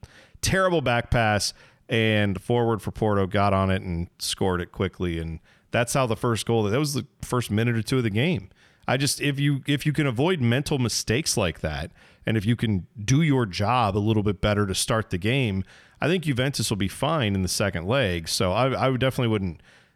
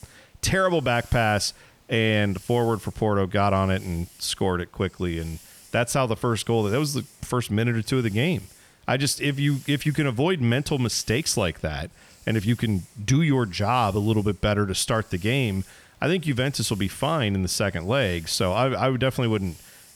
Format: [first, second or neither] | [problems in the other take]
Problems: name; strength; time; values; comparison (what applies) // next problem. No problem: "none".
first | hiss; faint; throughout; 25 dB below the speech